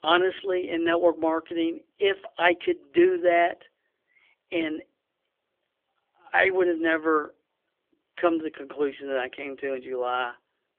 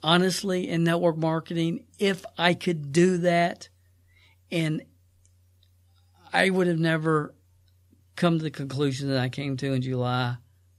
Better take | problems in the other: second | phone-call audio; nothing above 3.5 kHz

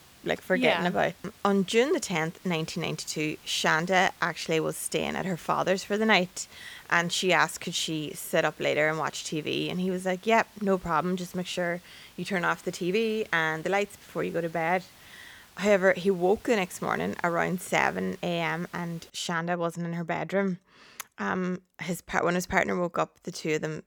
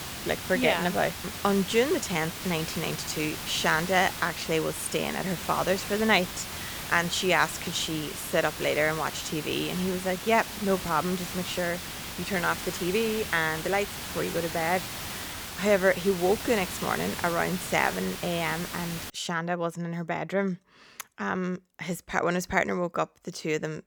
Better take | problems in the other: first | hiss; loud; until 19 s; 7 dB below the speech; faint in the first

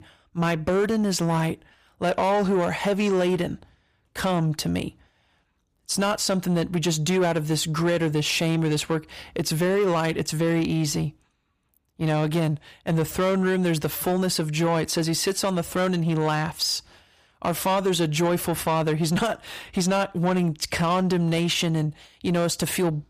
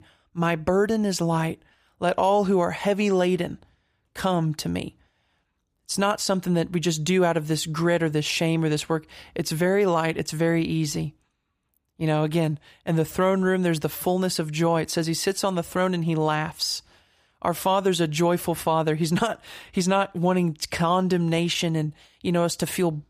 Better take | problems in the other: second | distortion; slight; 10 dB below the speech

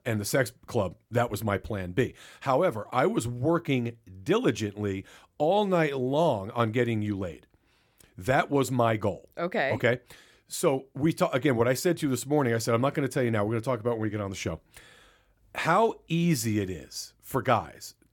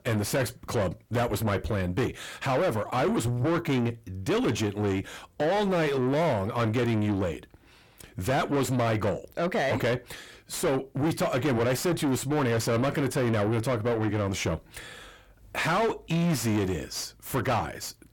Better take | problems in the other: first | distortion; heavy; 6 dB below the speech

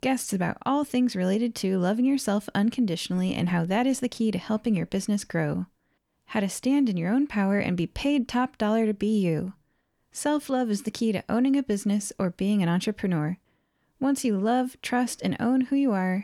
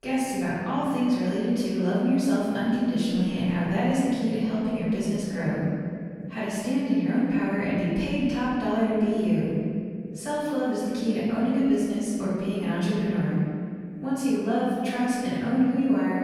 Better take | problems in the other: first | off-mic speech; far // room echo; strong; dies away in 2.3 s

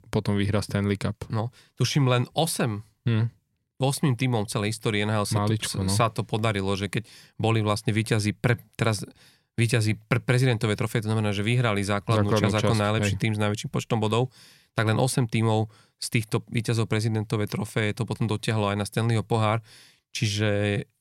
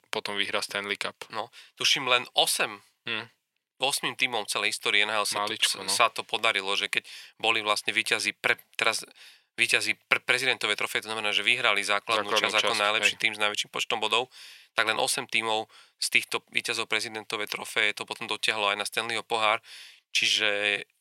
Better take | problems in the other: first | thin; very; fading below 650 Hz

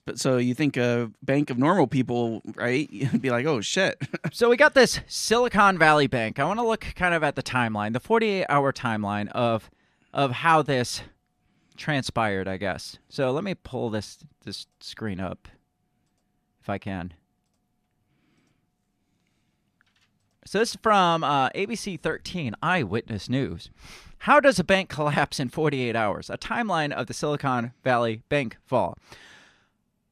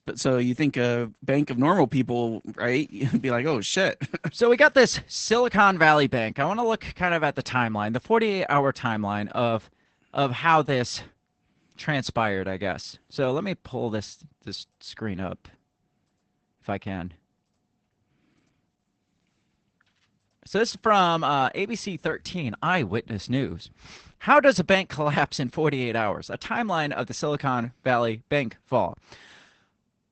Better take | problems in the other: first | garbled, watery; badly; nothing above 8 kHz

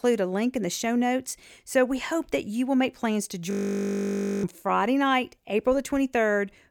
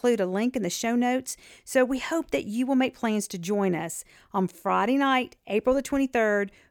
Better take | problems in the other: second | audio freezing; at 3.5 s for 1 s

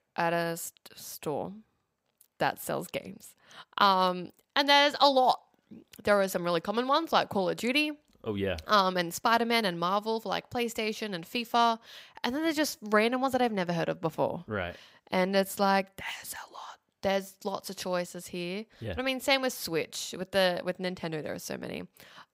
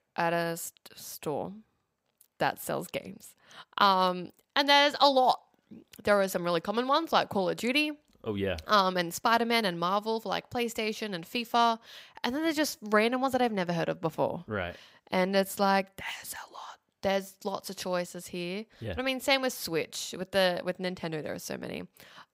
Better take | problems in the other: neither | none

